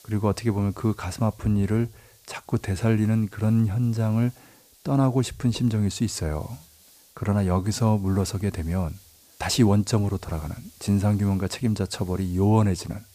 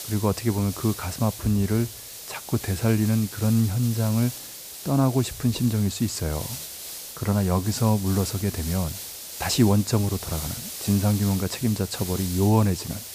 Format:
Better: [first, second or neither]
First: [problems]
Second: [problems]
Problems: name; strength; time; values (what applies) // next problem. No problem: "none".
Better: first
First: hiss; faint; throughout; 25 dB below the speech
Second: hiss; loud; throughout; 10 dB below the speech